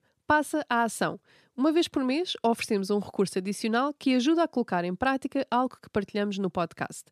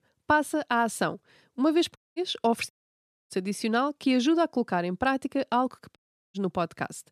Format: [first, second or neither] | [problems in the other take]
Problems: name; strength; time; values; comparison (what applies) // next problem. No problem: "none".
first | audio cutting out; at 2 s, at 2.5 s for 0.5 s and at 6 s